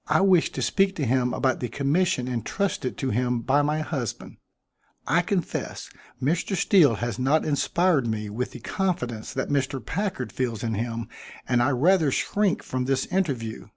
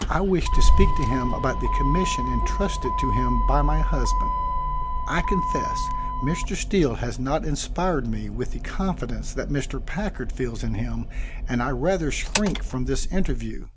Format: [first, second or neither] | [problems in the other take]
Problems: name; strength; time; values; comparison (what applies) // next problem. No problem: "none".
first | background sound (Motor vehicle (road)); 3 dB above the speech